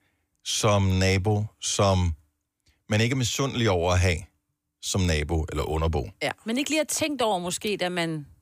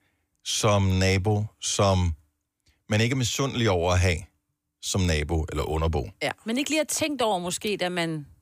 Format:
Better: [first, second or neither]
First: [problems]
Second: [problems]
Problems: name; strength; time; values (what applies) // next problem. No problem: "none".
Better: neither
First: none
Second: none